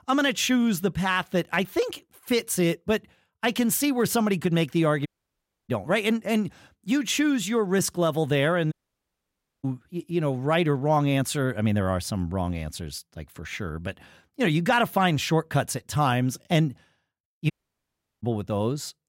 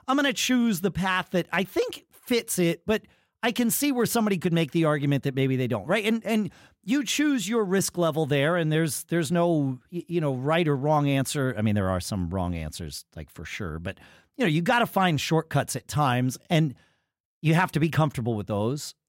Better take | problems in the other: second | audio cutting out; at 5 s for 0.5 s, at 8.5 s for 1 s and at 18 s for 0.5 s

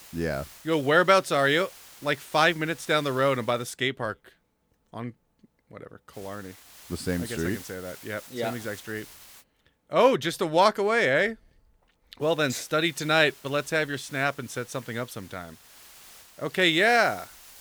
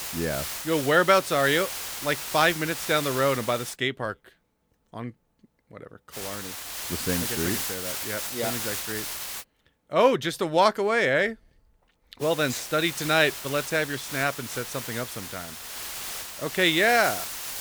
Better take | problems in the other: first | hiss; loud; until 3.5 s, from 6 to 9.5 s and from 12 s on; 7 dB below the speech; faint in the first

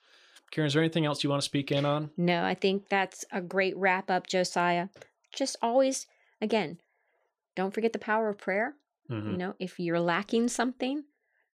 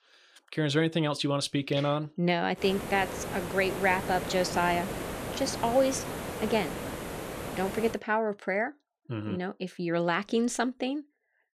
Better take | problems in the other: first | hiss; loud; from 2.5 to 8 s; 7 dB below the speech

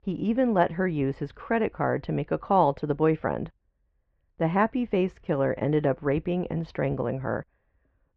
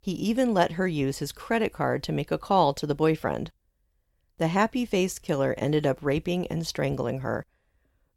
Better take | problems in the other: second | muffled; very; fading above 2 kHz

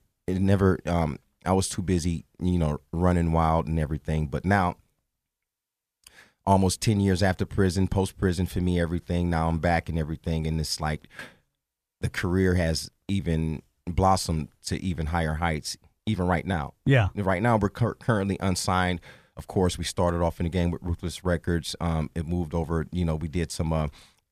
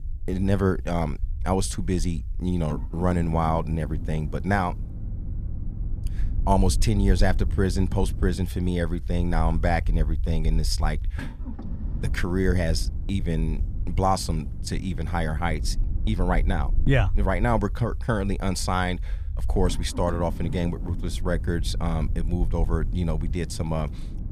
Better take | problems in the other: first | low rumble; noticeable; throughout; 20 dB below the speech

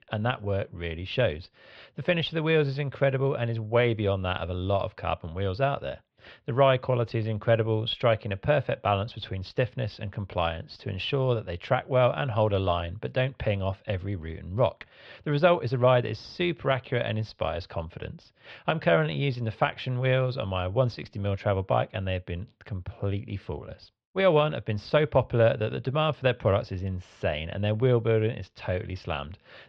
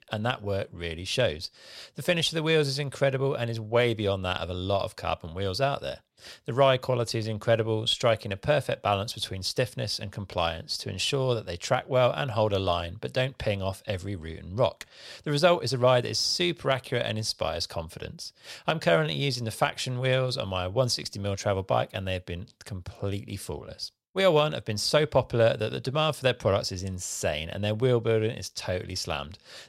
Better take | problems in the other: second | muffled; very; fading above 3 kHz

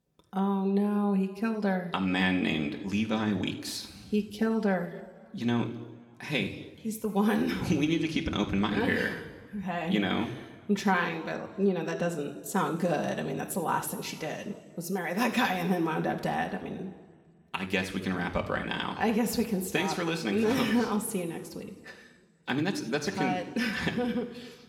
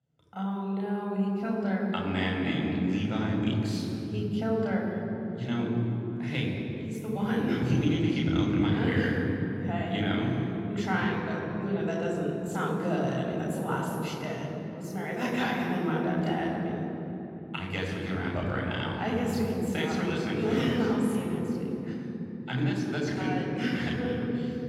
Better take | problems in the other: first | room echo; strong; dies away in 3 s; slight in the first // off-mic speech; far

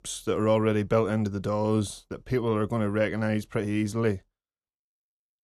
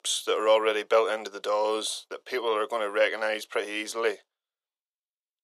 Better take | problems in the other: first | thin; very; fading below 450 Hz

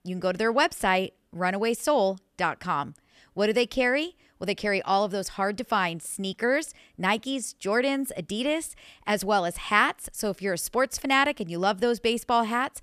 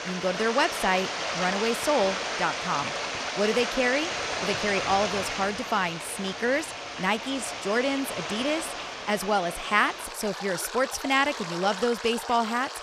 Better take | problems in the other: first | rain or running water; loud; throughout; 4 dB below the speech

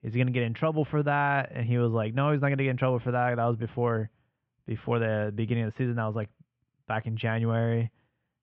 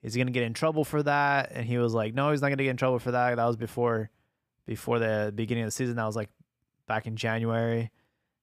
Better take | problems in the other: second | muffled; very; fading above 3 kHz

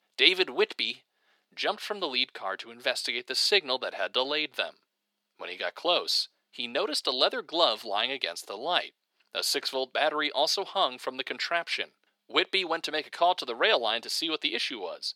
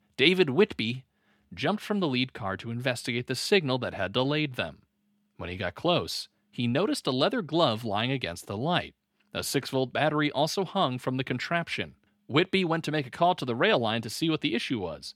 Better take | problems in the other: second | thin; very; fading below 450 Hz

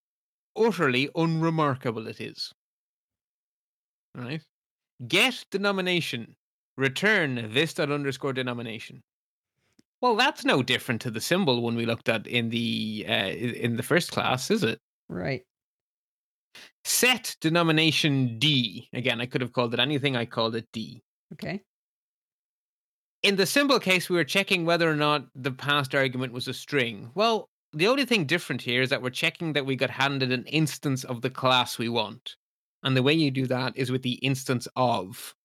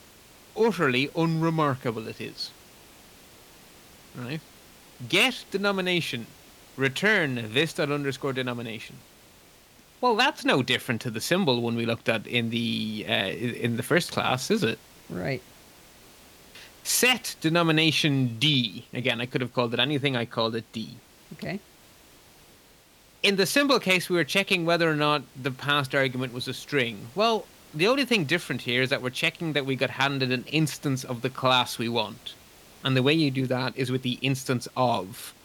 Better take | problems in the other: first | hiss; faint; throughout; 25 dB below the speech

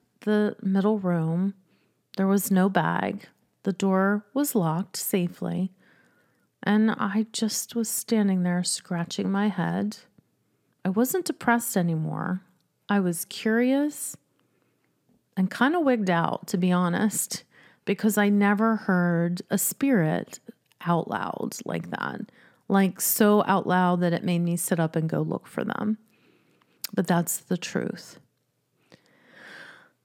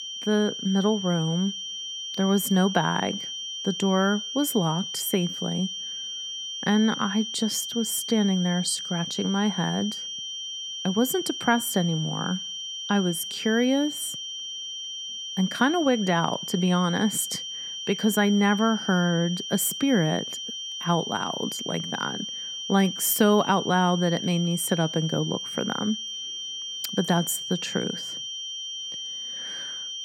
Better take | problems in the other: first | high-pitched whine; loud; throughout; 3 kHz, 6 dB below the speech

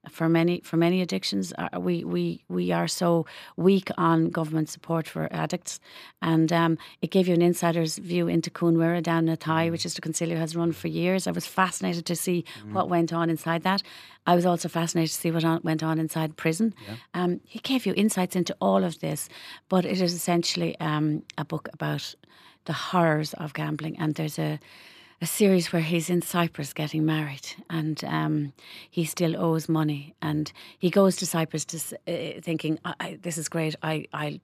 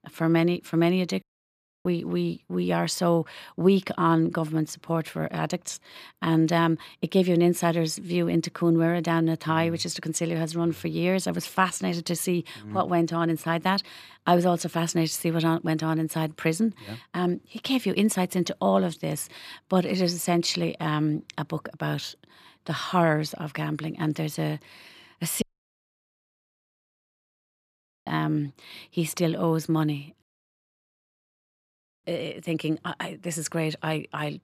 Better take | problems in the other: first | audio cutting out; at 1 s for 0.5 s, at 25 s for 2.5 s and at 30 s for 2 s

